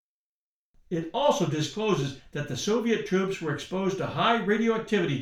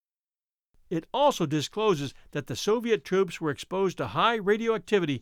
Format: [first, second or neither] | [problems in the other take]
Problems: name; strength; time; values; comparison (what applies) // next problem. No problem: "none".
second | room echo; slight; dies away in 0.3 s // off-mic speech; far